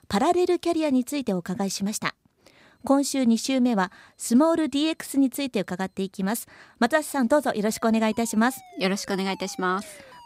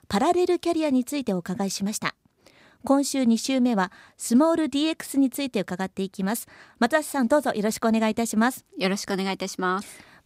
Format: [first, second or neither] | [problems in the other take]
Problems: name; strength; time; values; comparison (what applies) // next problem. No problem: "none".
second | alarms or sirens; faint; throughout; 25 dB below the speech